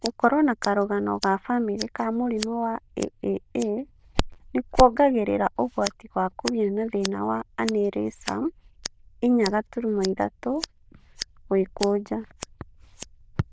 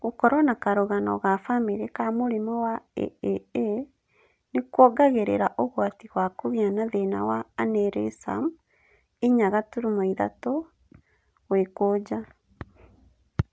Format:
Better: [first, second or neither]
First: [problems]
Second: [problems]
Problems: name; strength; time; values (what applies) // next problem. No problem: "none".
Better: second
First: noise reduction (neural diffusion model UNIVERSE++)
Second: none